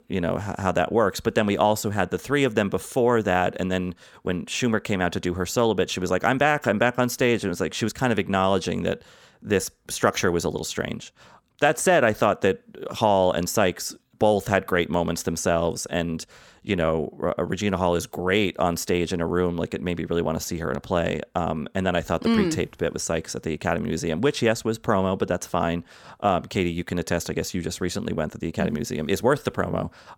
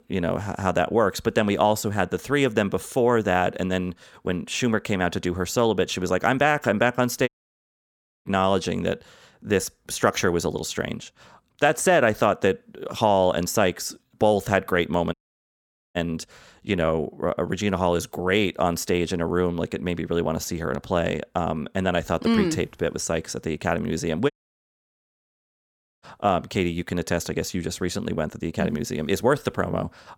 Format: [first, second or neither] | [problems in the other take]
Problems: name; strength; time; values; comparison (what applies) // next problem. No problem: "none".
first | audio cutting out; at 7.5 s for 1 s, at 15 s for 1 s and at 24 s for 1.5 s